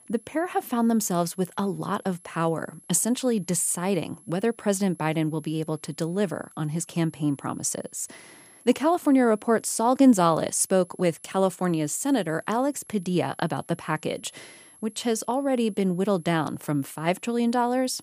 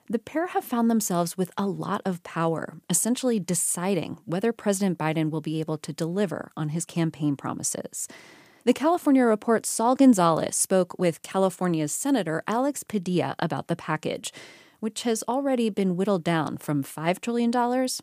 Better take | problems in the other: second | high-pitched whine; faint; throughout; 11 kHz, 25 dB below the speech

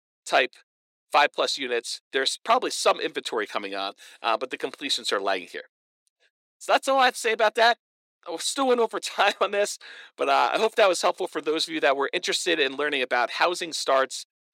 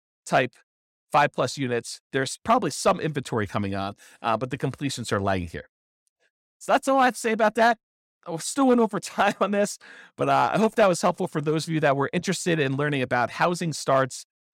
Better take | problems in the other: second | thin; somewhat; fading below 350 Hz

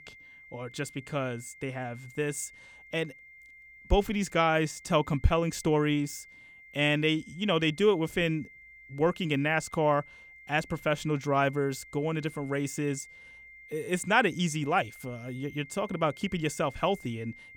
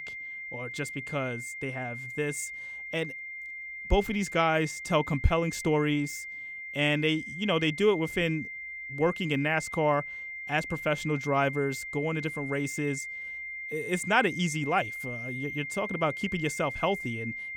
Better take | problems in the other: first | high-pitched whine; loud; throughout; 2 kHz, 7 dB below the speech; faint in the first

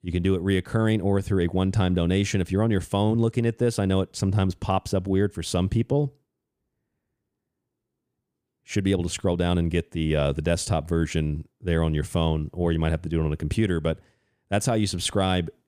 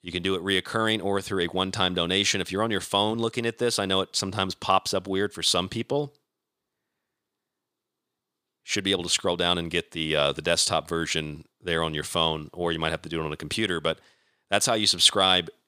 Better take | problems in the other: first | thin; somewhat; fading below 850 Hz

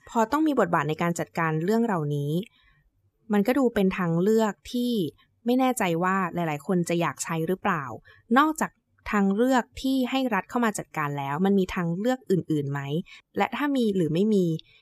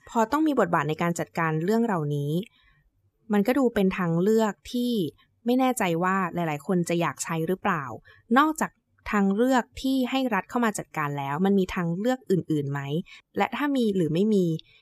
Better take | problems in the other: neither | none

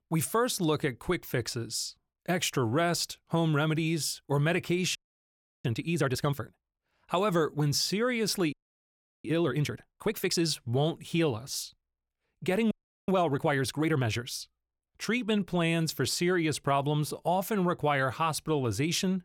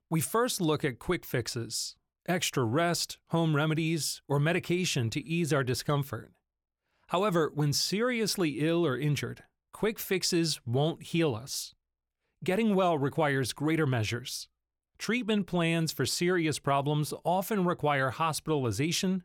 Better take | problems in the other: second | audio freezing; at 5 s for 0.5 s, at 8.5 s for 0.5 s and at 13 s

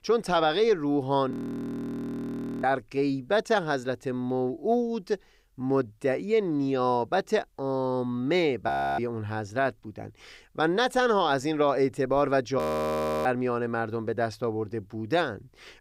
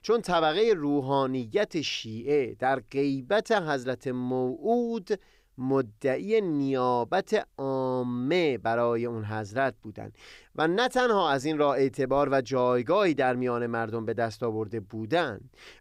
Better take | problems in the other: second | audio freezing; at 1.5 s for 1.5 s, at 8.5 s and at 13 s for 0.5 s

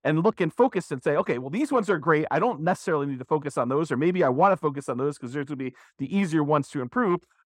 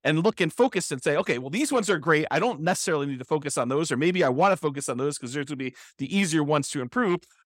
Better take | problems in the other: second | muffled; slightly; fading above 2.5 kHz

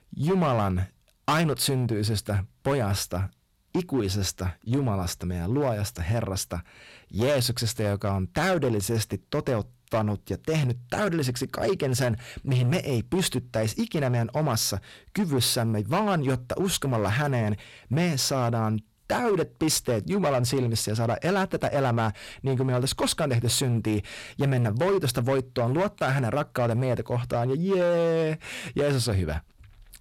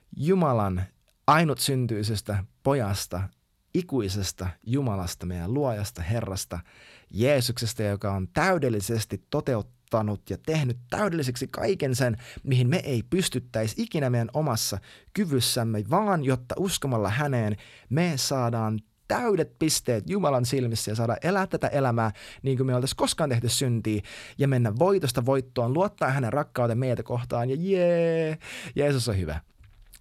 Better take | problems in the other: second | distortion; slight; 10% of the sound clipped

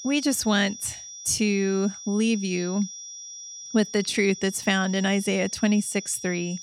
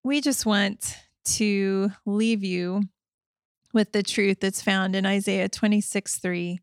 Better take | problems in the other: second | high-pitched whine; noticeable; throughout; 5.5 kHz, 10 dB below the speech

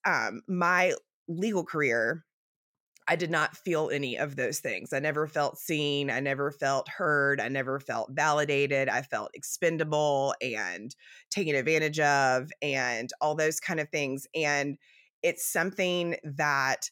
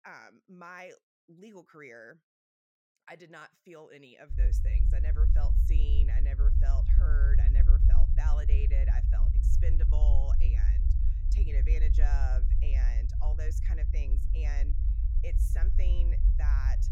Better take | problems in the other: first | low rumble; loud; from 4.5 s on; 2 dB below the speech

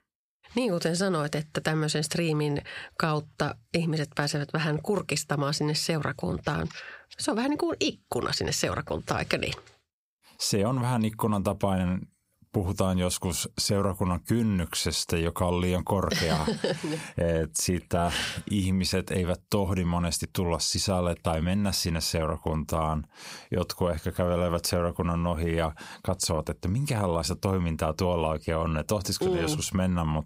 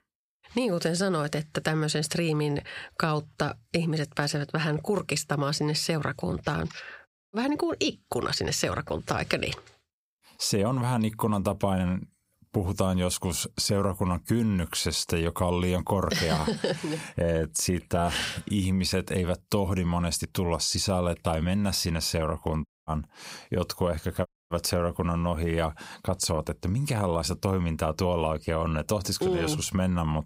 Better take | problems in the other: first | audio cutting out; at 7 s, at 23 s and at 24 s

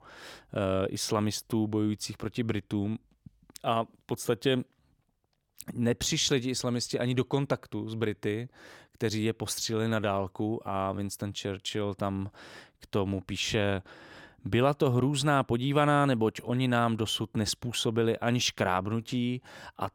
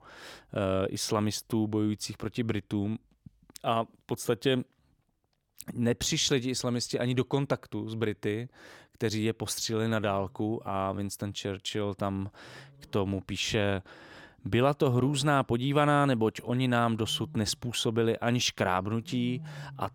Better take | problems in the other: first | animal sounds; faint; throughout; 20 dB below the speech

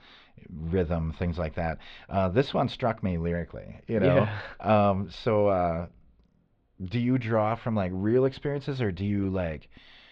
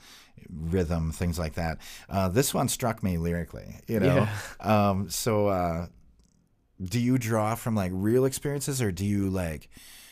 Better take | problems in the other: second | muffled; very; fading above 4 kHz

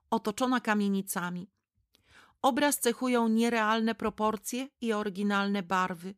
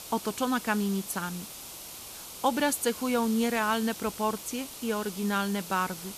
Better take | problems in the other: first | hiss; noticeable; throughout; 10 dB below the speech

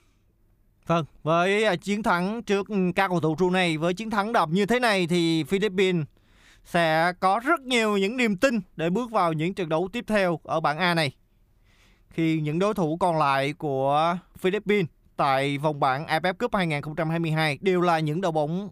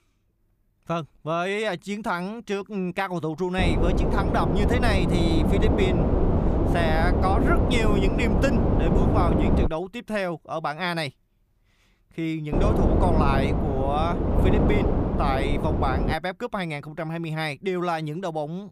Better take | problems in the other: first | wind noise on the microphone; heavy; from 3.5 to 9.5 s and from 13 to 16 s; 1 dB below the speech

